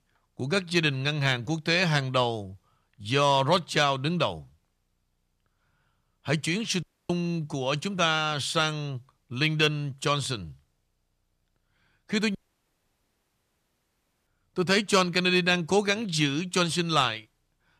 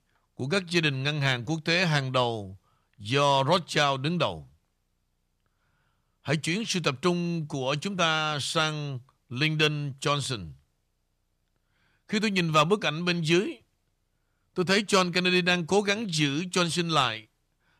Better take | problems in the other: second | audio cutting out; at 7 s and at 12 s for 2 s

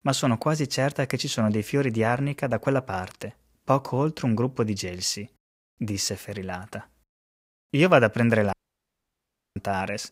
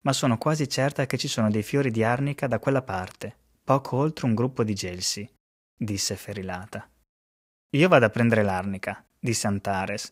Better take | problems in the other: second | audio cutting out; at 8.5 s for 1 s

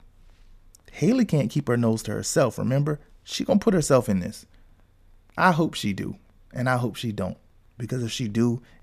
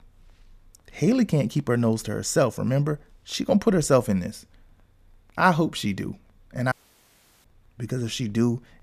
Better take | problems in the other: first | audio cutting out; at 6.5 s for 0.5 s

